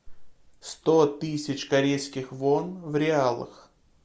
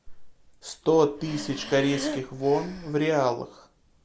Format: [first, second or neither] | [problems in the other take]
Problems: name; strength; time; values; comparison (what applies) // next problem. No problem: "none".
first | background sound (Breathing); 12 dB below the speech